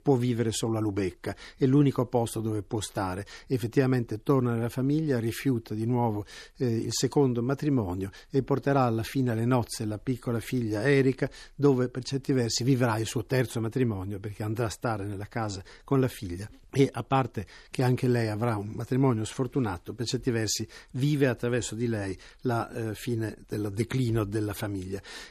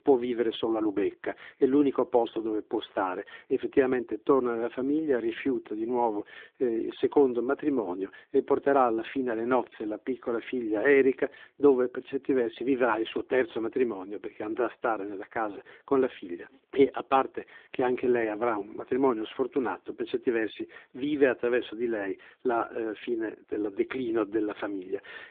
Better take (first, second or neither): first